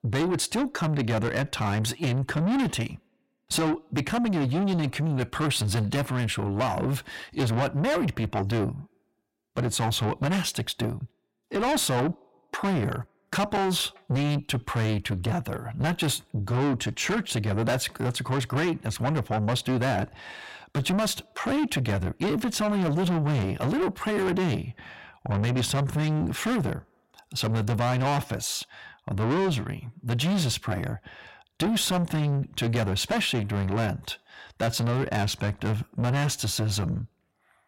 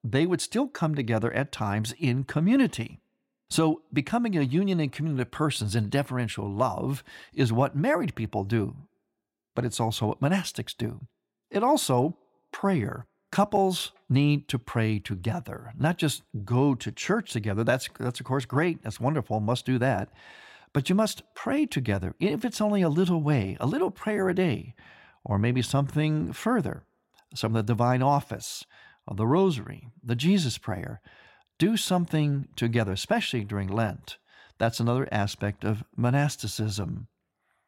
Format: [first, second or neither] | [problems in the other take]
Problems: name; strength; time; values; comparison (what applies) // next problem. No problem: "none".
second | distortion; heavy; 6 dB below the speech